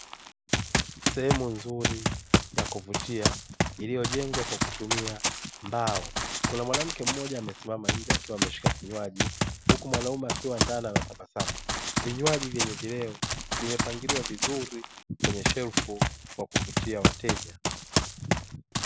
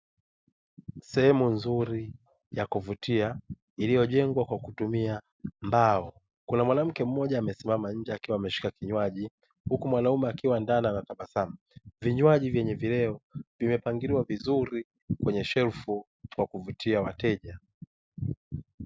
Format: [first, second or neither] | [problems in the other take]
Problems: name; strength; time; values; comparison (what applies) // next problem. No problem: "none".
second | background sound (Run); 5 dB above the speech